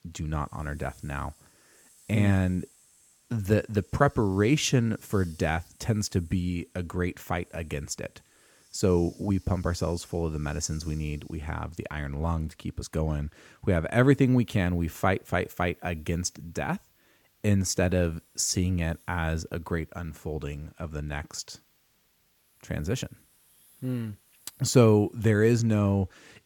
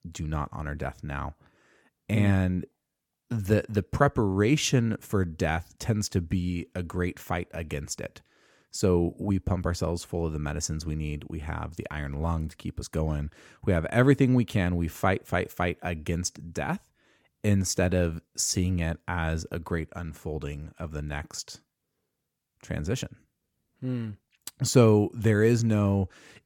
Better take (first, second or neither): second